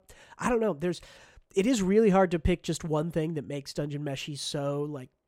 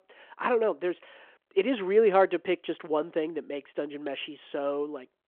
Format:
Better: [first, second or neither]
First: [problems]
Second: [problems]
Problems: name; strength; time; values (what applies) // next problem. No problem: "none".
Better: first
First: none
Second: phone-call audio